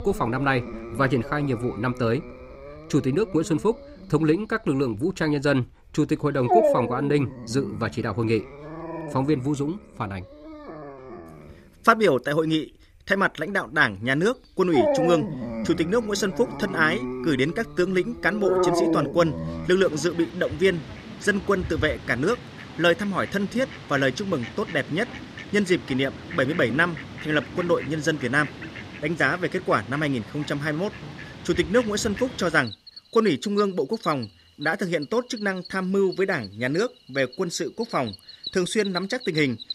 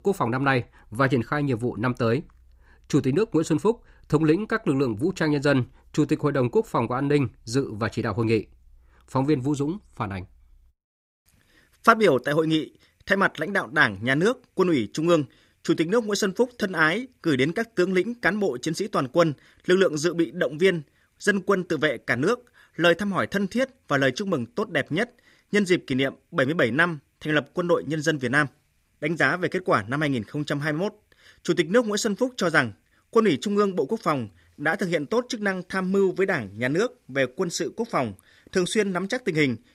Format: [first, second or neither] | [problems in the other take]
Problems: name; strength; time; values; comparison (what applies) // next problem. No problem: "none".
second | animal sounds; loud; throughout; 8 dB below the speech